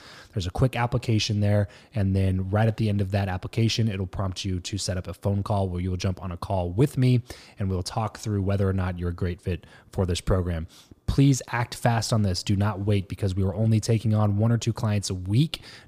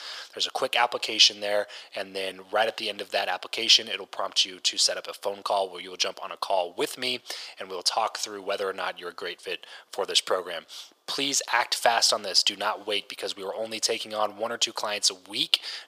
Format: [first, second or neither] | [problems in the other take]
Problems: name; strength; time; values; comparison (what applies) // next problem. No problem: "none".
first | thin; very; fading below 550 Hz